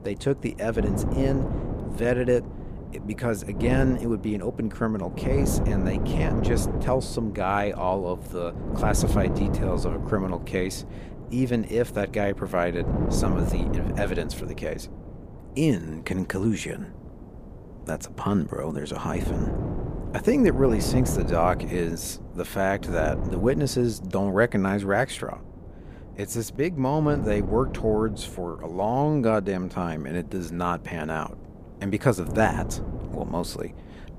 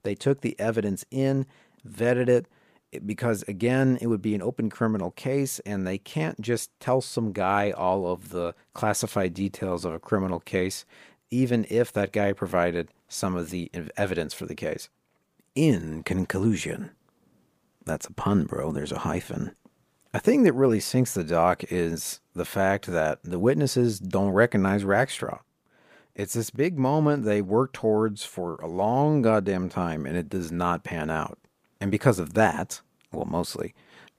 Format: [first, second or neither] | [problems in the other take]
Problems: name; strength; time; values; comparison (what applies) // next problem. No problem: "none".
second | wind noise on the microphone; heavy; 9 dB below the speech